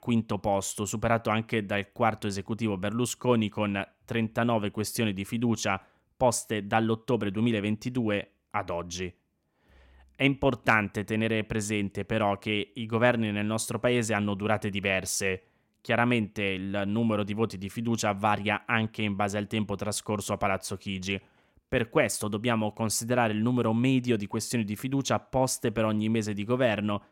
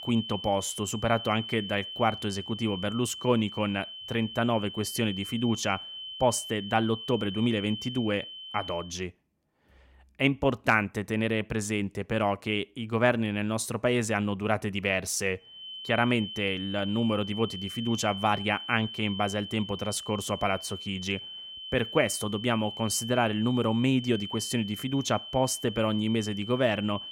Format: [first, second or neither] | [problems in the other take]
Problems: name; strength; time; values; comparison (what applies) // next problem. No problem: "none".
first | high-pitched whine; loud; until 9 s and from 16 s on; 3 kHz, 9 dB below the speech